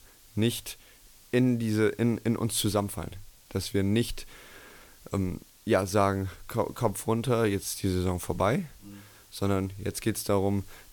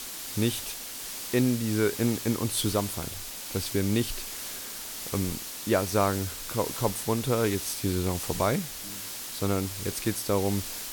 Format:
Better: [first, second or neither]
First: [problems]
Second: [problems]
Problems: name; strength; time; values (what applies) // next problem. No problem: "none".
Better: first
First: hiss; faint; throughout; 25 dB below the speech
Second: hiss; loud; throughout; 6 dB below the speech